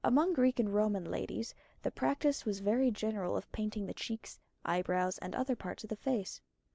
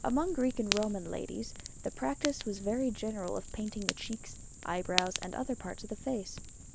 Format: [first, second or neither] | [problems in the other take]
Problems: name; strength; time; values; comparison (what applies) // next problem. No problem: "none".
first | background sound (Fire); 6 dB below the speech